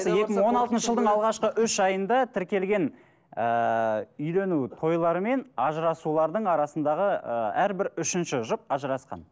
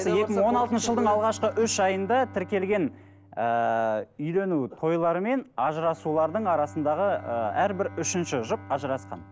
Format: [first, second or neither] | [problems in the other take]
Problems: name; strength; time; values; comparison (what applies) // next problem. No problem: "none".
first | background sound (Bowed string instrument); 19 dB below the speech